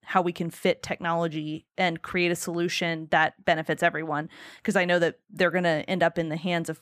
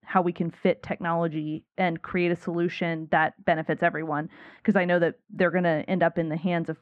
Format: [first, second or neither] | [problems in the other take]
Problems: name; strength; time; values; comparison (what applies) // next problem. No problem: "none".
first | muffled; very; fading above 2 kHz